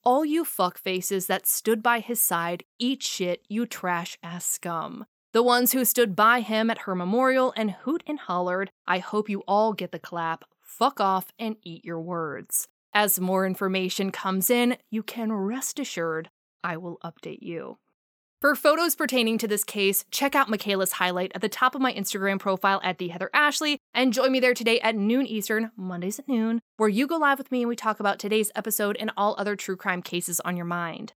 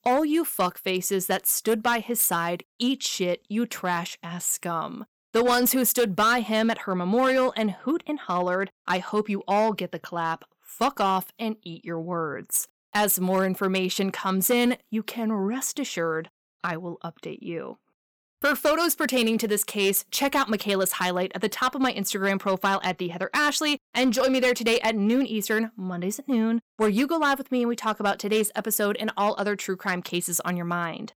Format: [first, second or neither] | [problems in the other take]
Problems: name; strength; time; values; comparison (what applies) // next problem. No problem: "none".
first | distortion; slight; 4% of the sound clipped